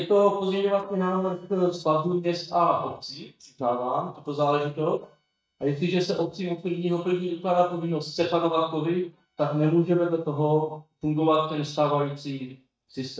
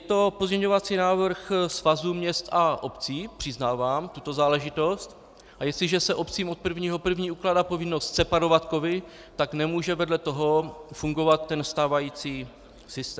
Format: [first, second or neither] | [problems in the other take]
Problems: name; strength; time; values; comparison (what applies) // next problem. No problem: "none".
second | noise reduction (neural mask model DeepFilterNet 3)